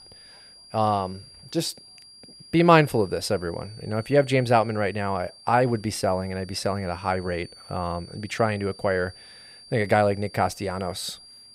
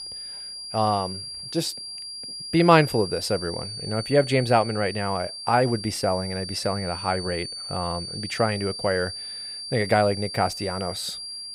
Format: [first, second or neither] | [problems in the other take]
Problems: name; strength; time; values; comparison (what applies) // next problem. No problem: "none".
first | high-pitched whine; loud; throughout; 4.5 kHz, 8 dB below the speech; faint in the first